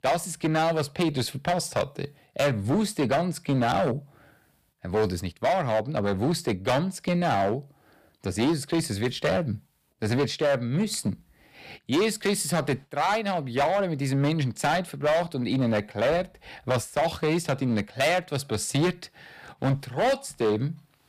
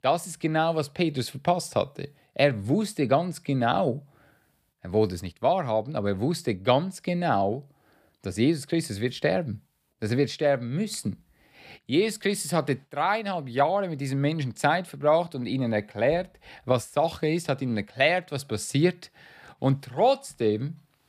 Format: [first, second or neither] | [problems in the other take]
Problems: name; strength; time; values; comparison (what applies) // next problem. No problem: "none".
second | distortion; heavy; 10% of the sound clipped